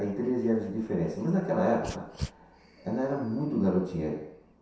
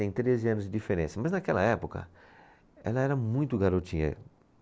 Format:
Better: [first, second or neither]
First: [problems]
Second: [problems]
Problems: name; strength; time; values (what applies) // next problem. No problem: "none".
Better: second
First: background sound (Dog); 17 dB below the speech // room echo; dies away in 0.7 s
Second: none